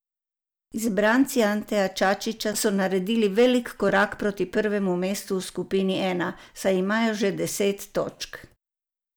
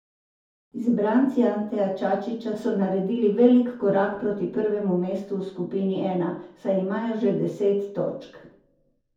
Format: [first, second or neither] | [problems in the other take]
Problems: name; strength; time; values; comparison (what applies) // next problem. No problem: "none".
first | room echo; dies away in 0.6 s